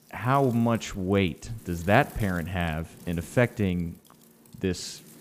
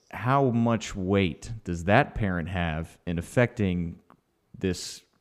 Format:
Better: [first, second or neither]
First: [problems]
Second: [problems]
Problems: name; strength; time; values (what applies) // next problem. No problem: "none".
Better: second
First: wind noise on the microphone; occasional gusts; 25 dB below the speech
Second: none